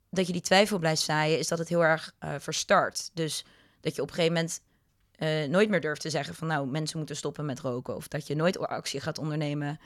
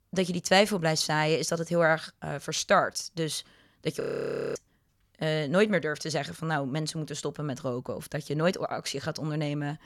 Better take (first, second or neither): first